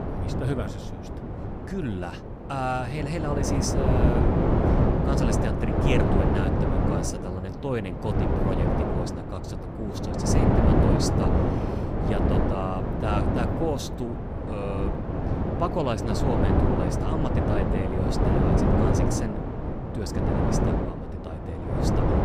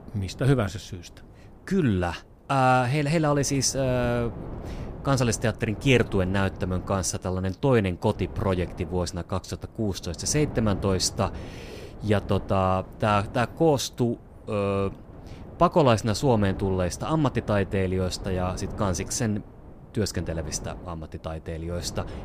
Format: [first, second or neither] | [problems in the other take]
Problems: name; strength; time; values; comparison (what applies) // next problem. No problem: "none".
second | wind noise on the microphone; heavy; 3 dB above the speech; occasional gusts in the second